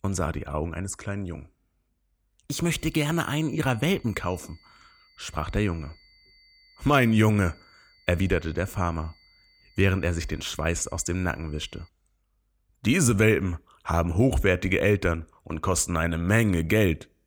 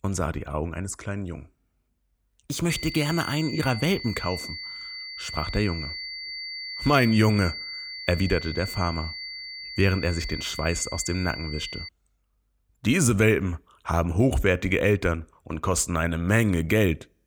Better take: first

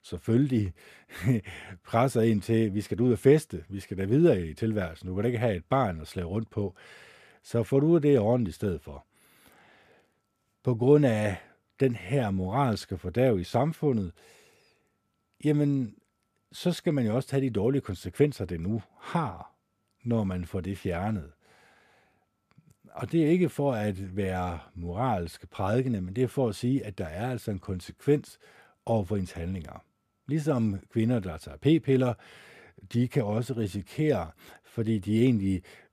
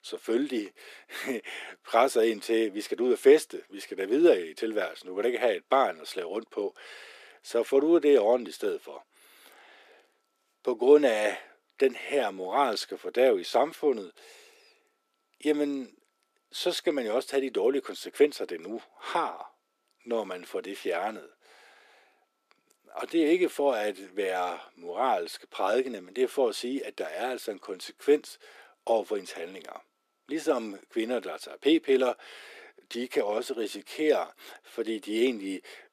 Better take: first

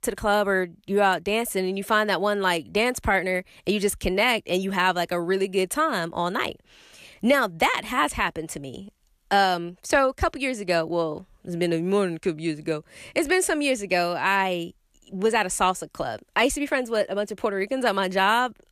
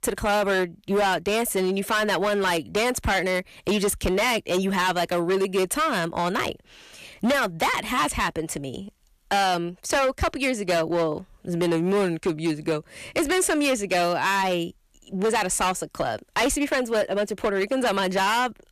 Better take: first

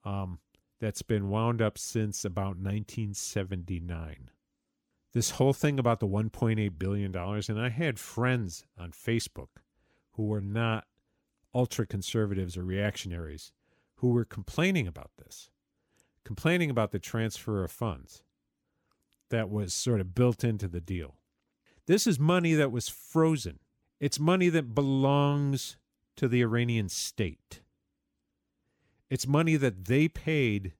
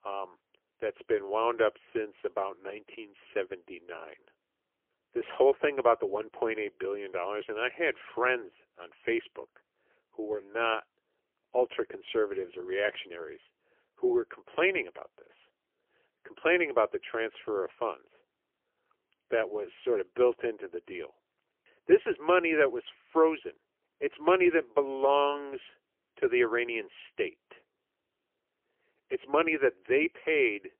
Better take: first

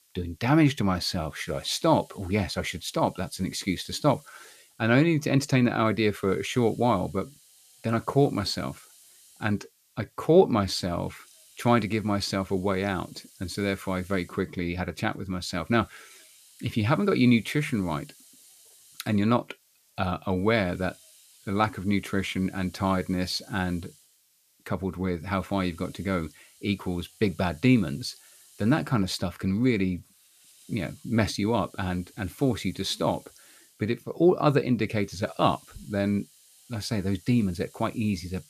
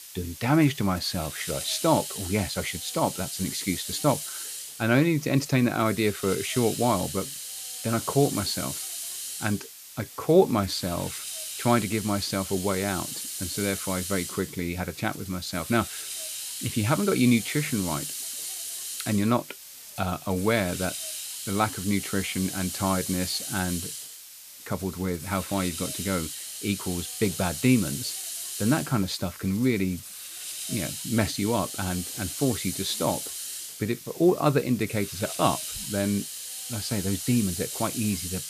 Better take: first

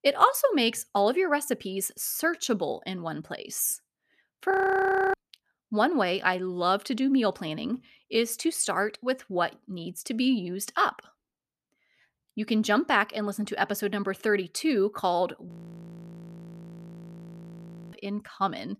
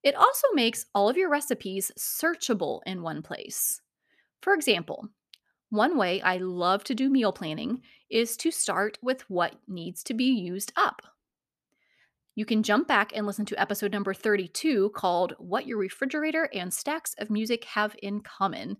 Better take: second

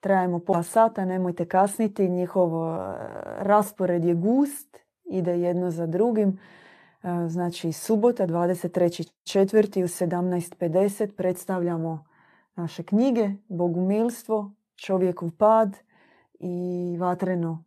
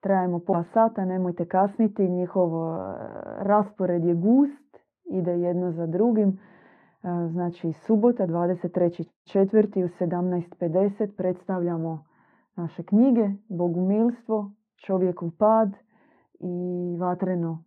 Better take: first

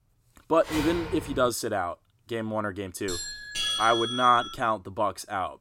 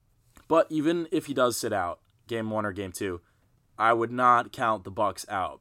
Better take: second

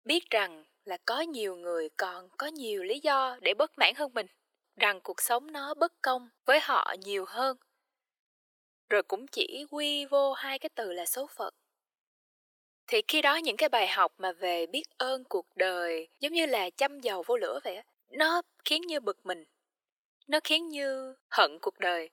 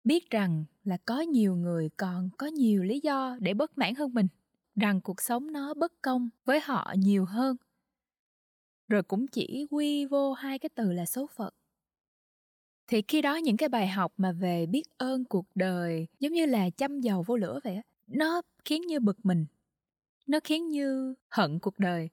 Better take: second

